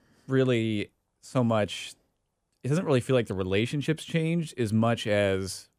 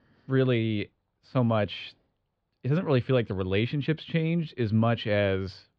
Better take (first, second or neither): first